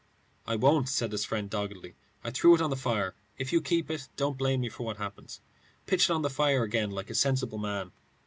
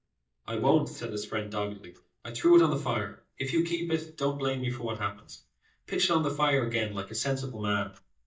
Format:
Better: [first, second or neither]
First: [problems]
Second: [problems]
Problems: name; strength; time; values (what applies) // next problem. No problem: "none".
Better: first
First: none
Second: noise reduction (neural mask model DeepFilterNet 3)